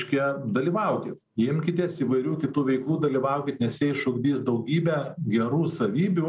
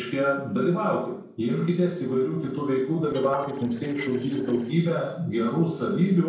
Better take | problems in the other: first | noise reduction (neural separator model SepFormer DNS4)

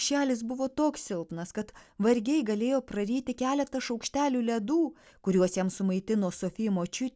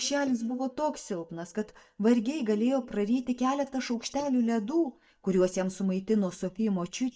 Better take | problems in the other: first | noise reduction (neural mask model DeepFilterNet 3)

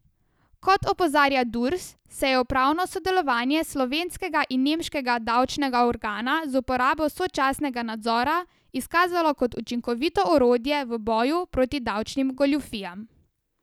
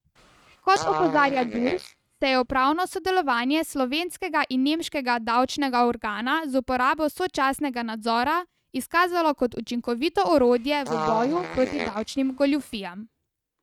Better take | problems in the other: first | noise reduction (neural mask model RNNoise)

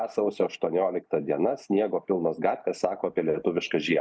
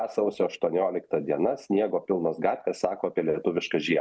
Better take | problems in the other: second | noise reduction (neural mask model Resemble Enhance denoiser)

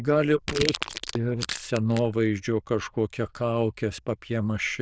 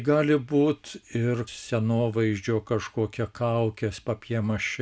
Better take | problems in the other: second | noise reduction (neural diffusion model UNIVERSE++)

